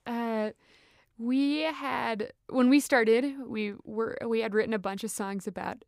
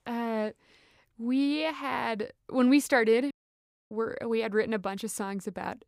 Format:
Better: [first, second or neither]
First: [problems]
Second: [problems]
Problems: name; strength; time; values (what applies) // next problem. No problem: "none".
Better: first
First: none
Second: audio cutting out; at 3.5 s for 0.5 s